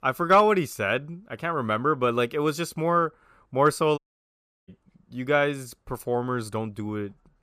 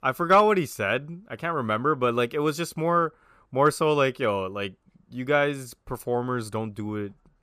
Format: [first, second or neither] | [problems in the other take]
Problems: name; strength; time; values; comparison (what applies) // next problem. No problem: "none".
second | audio cutting out; at 4 s for 0.5 s